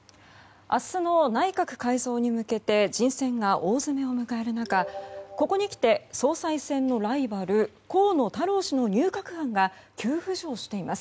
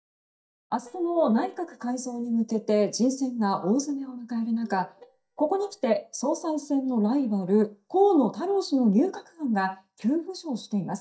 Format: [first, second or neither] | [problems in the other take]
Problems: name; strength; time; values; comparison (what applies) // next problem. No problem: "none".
first | noise reduction (neural mask model DeepFilterNet 3)